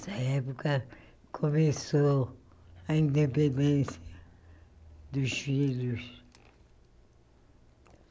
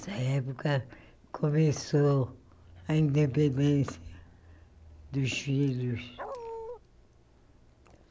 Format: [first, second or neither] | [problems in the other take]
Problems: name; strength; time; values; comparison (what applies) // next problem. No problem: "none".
first | background sound (Dog); 9 dB below the speech